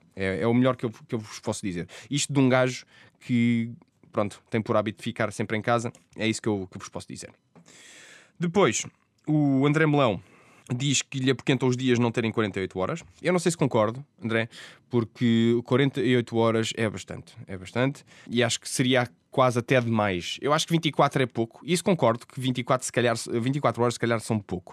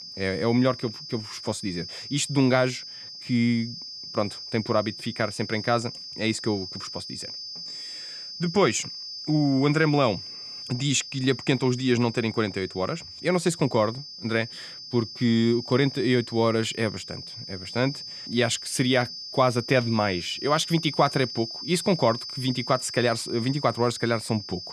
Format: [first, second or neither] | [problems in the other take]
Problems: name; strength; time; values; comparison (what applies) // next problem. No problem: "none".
first | high-pitched whine; noticeable; throughout; 5 kHz, 10 dB below the speech